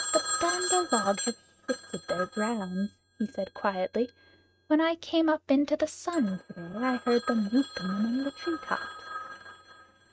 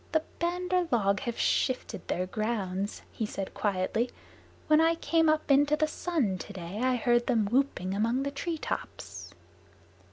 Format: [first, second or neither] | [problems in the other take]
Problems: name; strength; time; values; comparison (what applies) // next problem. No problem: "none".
second | noise reduction (neural mask model RNNoise)